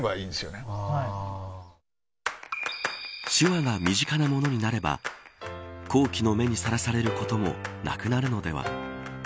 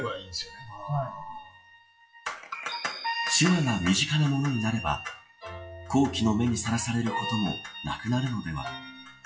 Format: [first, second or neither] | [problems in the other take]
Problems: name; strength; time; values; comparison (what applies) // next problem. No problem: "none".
first | noise reduction (classical method WPE with log-MMSE)